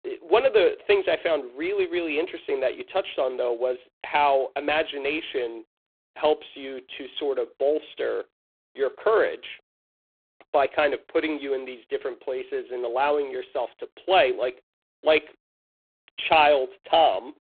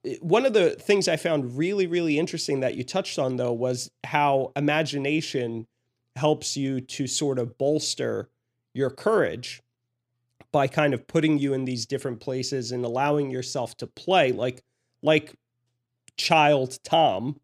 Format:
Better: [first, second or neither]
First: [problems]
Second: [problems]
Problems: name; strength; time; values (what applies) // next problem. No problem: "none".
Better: second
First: phone-call audio; poor line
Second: none